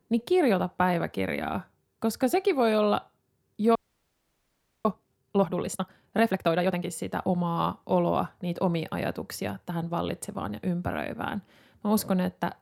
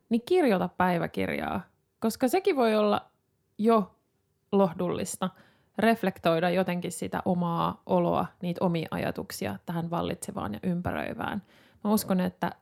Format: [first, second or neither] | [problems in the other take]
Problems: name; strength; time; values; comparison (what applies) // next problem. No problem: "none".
second | audio freezing; at 4 s for 1 s